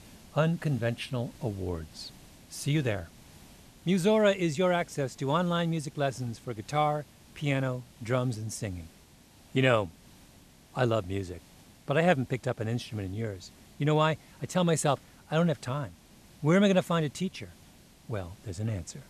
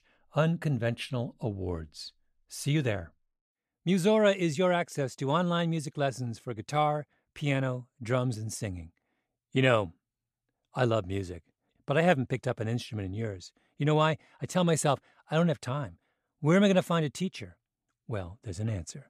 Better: second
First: hiss; faint; throughout; 25 dB below the speech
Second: none

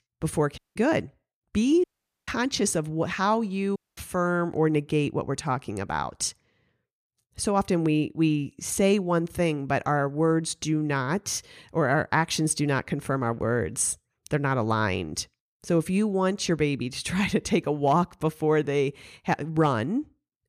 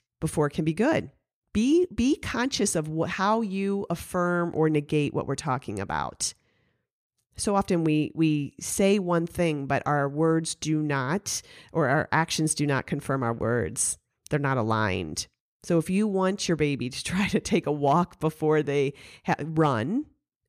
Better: second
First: audio cutting out; at 0.5 s, at 2 s and at 4 s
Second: none

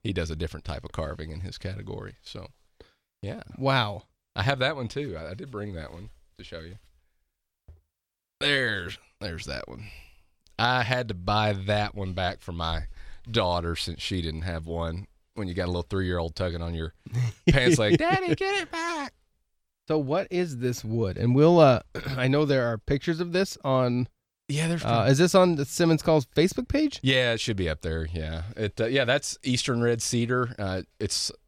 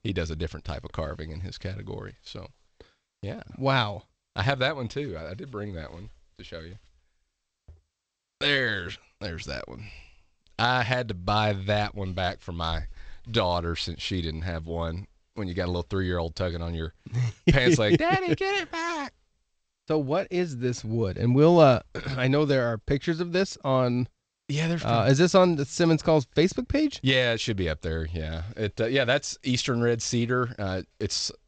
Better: first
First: none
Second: garbled, watery; slightly; nothing above 7.5 kHz

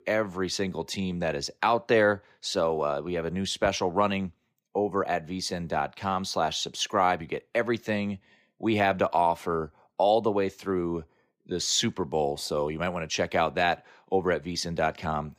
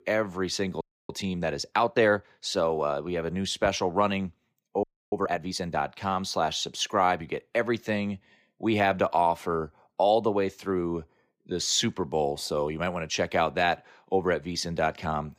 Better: first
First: none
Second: audio freezing; at 1 s and at 5 s

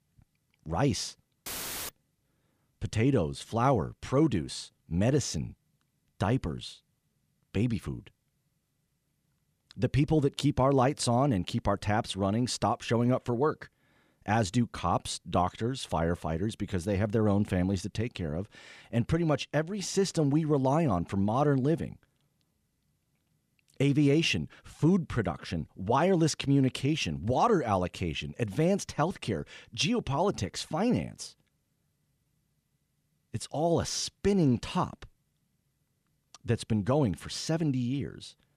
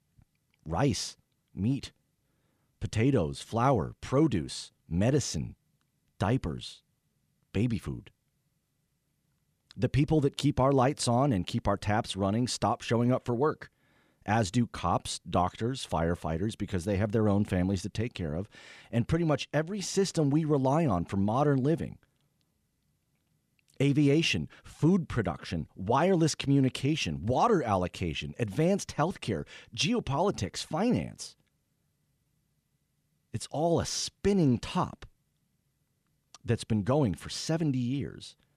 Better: second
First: audio cutting out; filled with static; at 1.5 s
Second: none

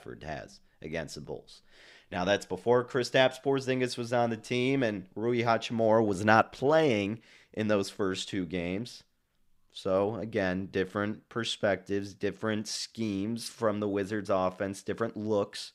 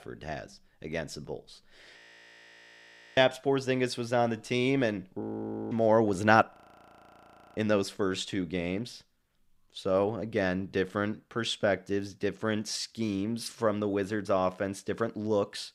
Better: first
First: none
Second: audio freezing; at 2 s for 1 s, at 5 s for 0.5 s and at 6.5 s for 1 s

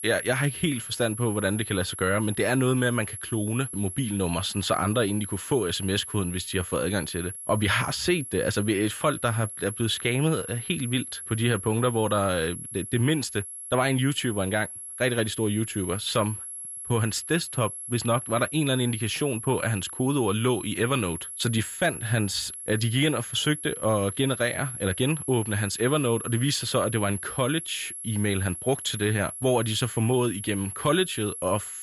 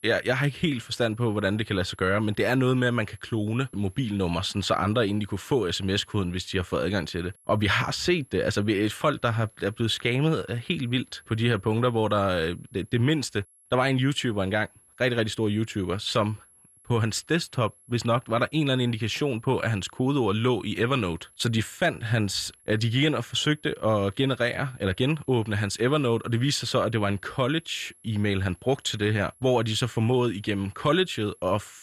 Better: second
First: high-pitched whine; loud; throughout; 11 kHz, 9 dB below the speech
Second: high-pitched whine; faint; throughout; 11 kHz, 30 dB below the speech

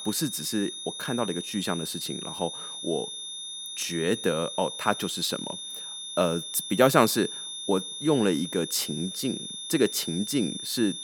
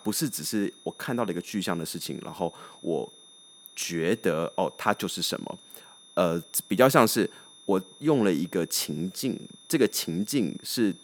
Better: second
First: high-pitched whine; loud; throughout; 3.5 kHz, 7 dB below the speech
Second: high-pitched whine; faint; throughout; 3.5 kHz, 25 dB below the speech

